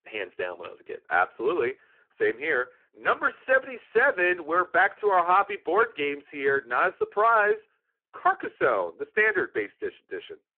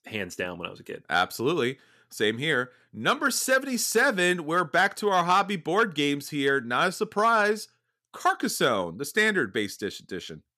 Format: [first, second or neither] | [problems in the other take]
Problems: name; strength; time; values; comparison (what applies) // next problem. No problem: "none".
second | phone-call audio; poor line